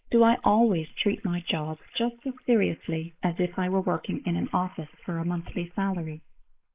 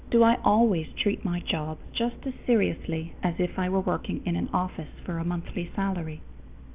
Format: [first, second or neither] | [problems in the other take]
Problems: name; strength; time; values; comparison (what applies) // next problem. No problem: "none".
second | noise reduction (neural mask model Resemble Enhance denoiser)